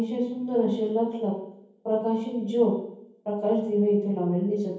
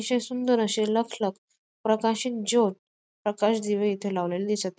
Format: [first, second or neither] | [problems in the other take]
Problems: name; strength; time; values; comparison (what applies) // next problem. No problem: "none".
second | room echo; dies away in 0.9 s